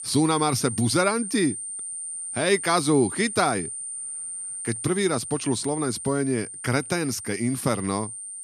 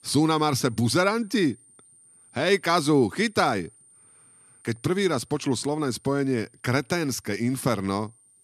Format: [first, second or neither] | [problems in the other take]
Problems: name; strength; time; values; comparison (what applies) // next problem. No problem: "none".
second | high-pitched whine; loud; throughout; 9 kHz, 7 dB below the speech; faint in the second